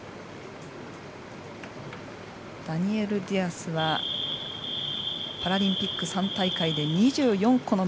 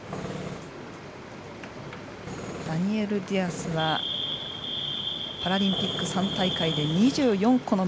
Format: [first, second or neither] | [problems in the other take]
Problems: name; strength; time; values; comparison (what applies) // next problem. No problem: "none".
first | background sound (Tools); 12 dB below the speech